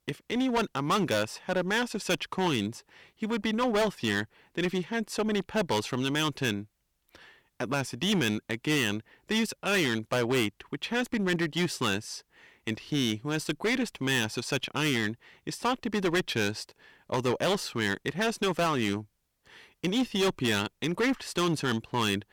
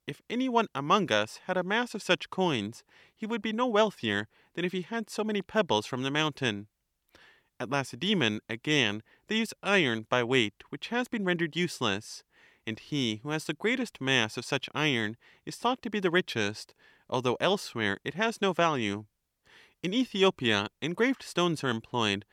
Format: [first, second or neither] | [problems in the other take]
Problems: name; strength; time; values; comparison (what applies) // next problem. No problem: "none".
second | distortion; heavy; 11% of the sound clipped